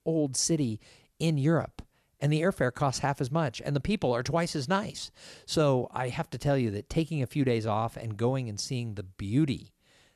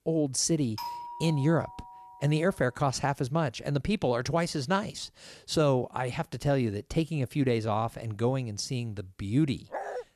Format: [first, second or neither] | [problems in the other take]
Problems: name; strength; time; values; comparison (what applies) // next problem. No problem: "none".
first | doorbell; noticeable; from 1 to 2.5 s; peak 8 dB below the speech // dog barking; noticeable; at 9.5 s; peak 8 dB below the speech